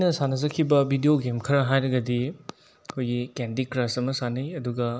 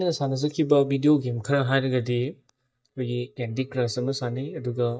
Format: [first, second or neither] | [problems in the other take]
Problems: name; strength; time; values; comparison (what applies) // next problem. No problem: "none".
first | noise reduction (neural mask model DeepFilterNet 3)